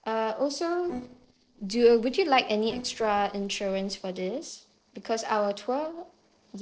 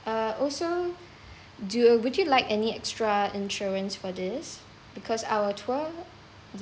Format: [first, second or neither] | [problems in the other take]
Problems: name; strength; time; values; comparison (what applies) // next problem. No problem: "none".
second | noise reduction (neural separator model SepFormer DNS4)